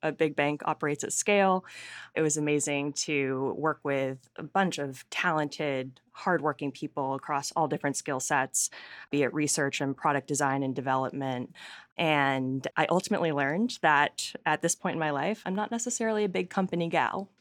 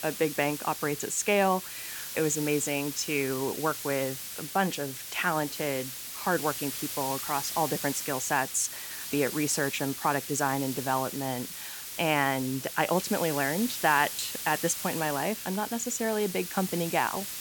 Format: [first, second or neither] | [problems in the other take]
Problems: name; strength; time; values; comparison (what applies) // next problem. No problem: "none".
first | hiss; loud; throughout; 6 dB below the speech